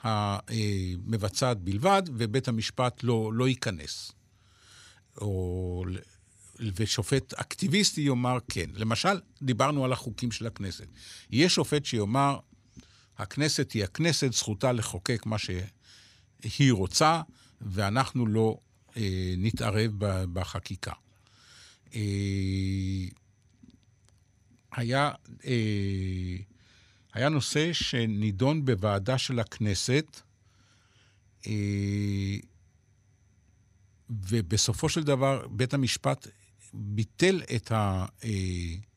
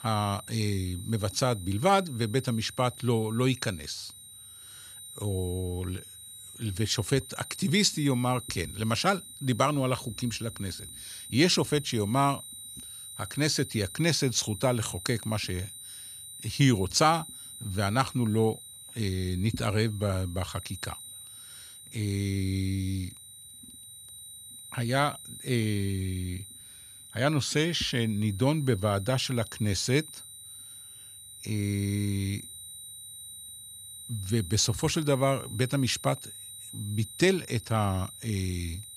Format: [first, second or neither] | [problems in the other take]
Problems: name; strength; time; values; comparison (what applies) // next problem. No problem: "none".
first | high-pitched whine; noticeable; throughout; 9 kHz, 15 dB below the speech